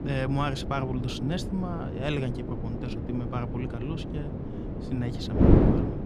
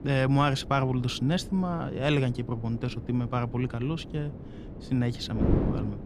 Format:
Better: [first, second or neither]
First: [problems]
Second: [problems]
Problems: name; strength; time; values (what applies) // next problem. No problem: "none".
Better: second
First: wind noise on the microphone; heavy; as loud as the speech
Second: wind noise on the microphone; occasional gusts; 10 dB below the speech